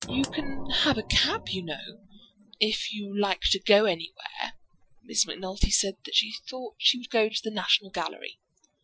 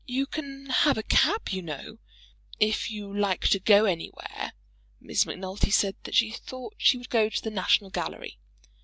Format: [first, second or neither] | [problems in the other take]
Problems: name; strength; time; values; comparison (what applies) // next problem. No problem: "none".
second | noise reduction (classical method Wiener filter)